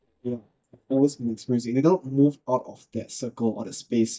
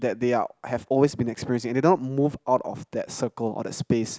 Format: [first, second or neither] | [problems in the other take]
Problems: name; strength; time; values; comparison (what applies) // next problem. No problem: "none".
second | noise reduction (neural mask model DeepFilterNet 3)